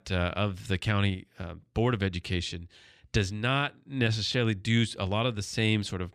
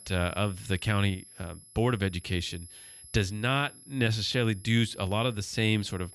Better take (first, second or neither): first